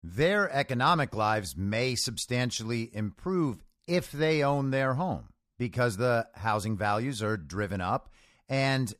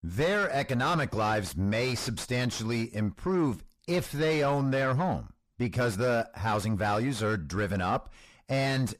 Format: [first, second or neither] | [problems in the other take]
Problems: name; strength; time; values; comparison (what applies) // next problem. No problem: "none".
first | distortion; heavy; 6 dB below the speech